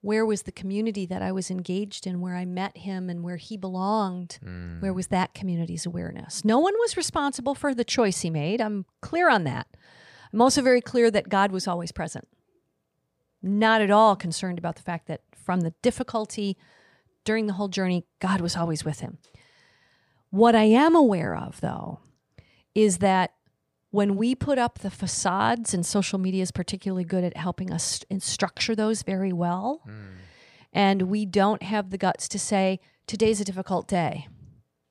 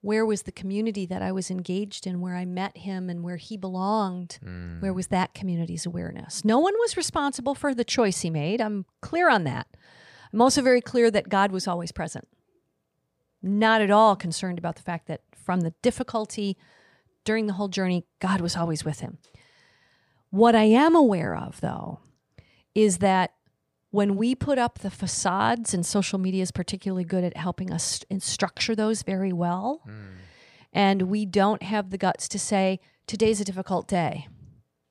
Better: neither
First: none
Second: none

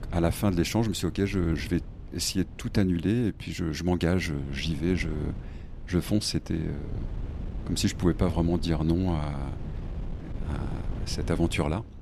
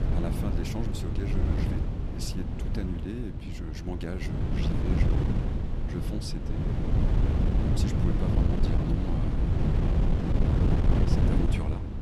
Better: first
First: wind noise on the microphone; occasional gusts; 15 dB below the speech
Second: wind noise on the microphone; heavy; 4 dB above the speech

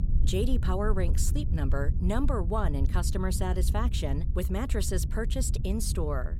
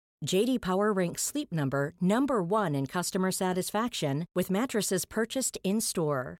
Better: second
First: low rumble; noticeable; throughout; 10 dB below the speech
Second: none

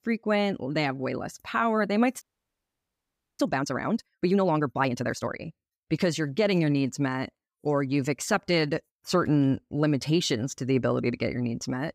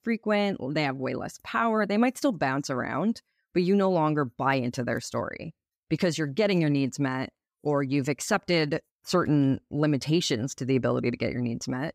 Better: second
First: audio freezing; at 2 s for 1 s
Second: none

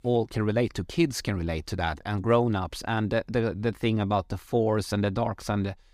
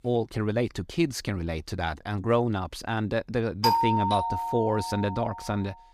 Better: first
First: none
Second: doorbell; loud; from 3.5 to 5 s; peak 5 dB above the speech

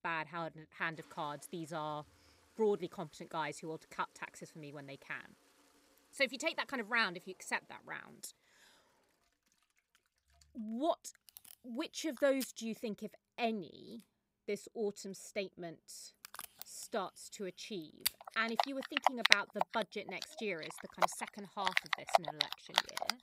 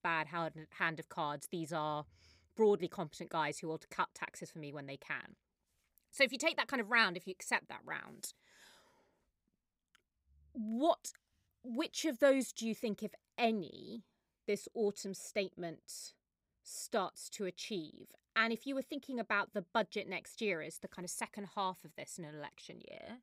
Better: second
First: household noises; very loud; throughout; 4 dB above the speech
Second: none

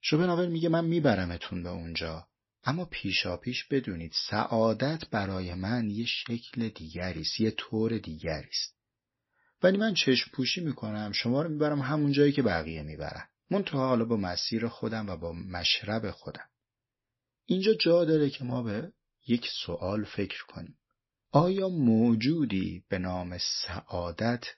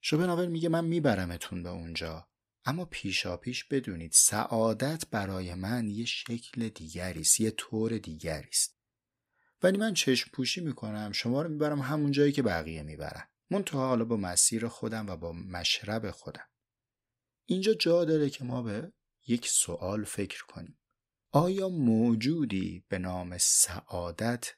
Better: second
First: garbled, watery; slightly; nothing above 5.5 kHz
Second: none

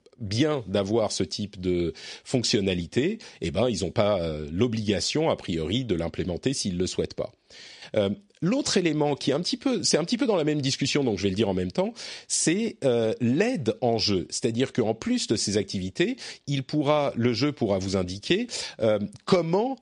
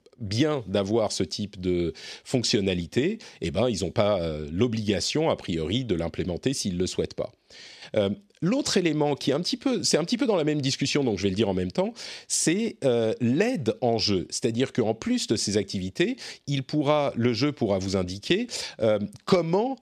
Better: second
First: garbled, watery; slightly; nothing above 10 kHz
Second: none

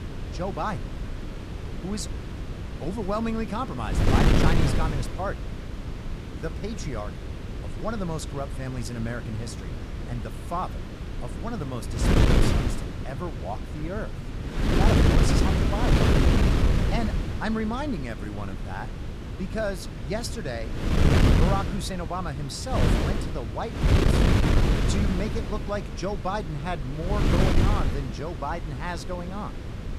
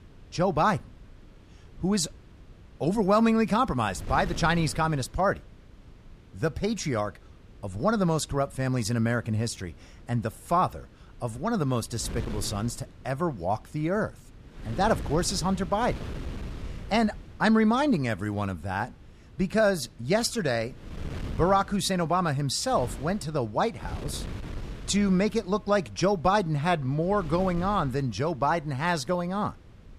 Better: second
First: wind noise on the microphone; heavy; as loud as the speech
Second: wind noise on the microphone; occasional gusts; 20 dB below the speech

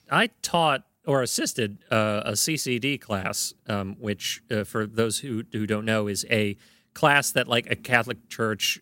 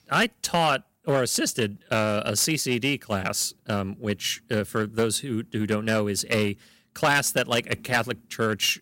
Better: first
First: none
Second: distortion; slight; 4% of the sound clipped

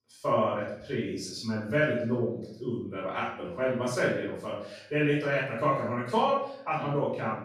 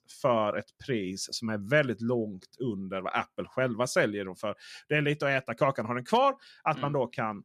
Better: second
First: off-mic speech; far // room echo; noticeable; dies away in 0.6 s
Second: none

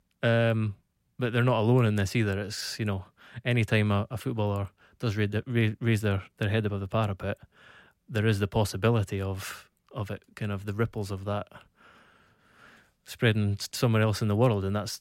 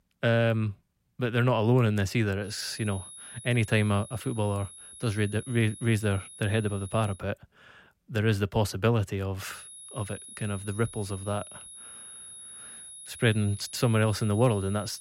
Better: first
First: none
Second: high-pitched whine; noticeable; from 2.5 to 7 s and from 9.5 s on; 10.5 kHz, 15 dB below the speech

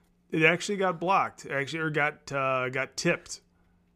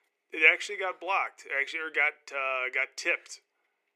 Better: first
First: none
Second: thin; very; fading below 400 Hz

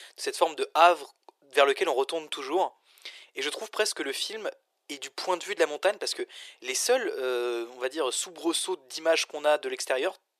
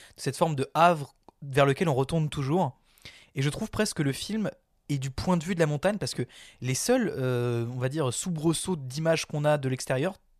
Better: second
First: thin; very; fading below 350 Hz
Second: none

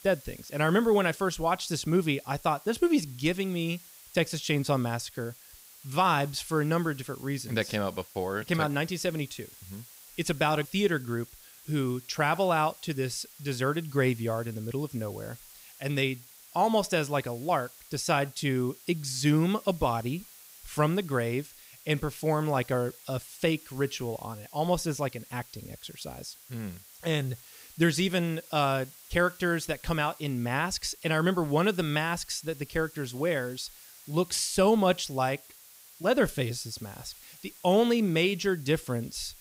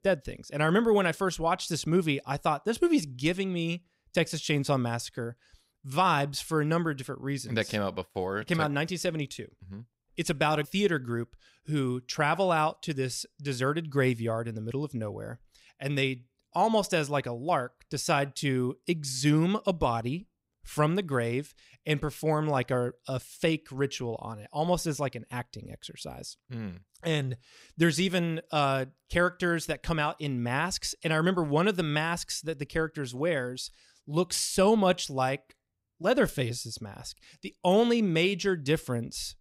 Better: second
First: hiss; noticeable; throughout; 20 dB below the speech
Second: none

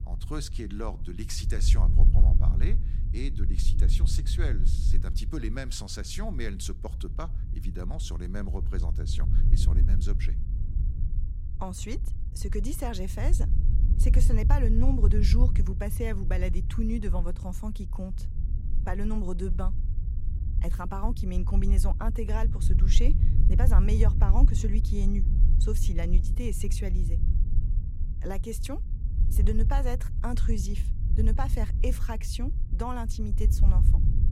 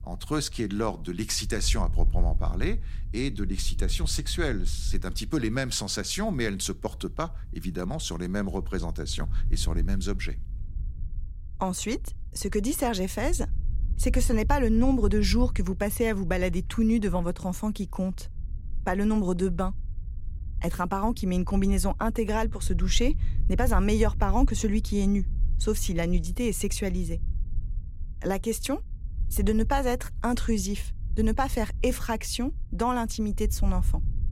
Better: second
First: low rumble; loud; throughout; 8 dB below the speech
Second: low rumble; faint; throughout; 20 dB below the speech

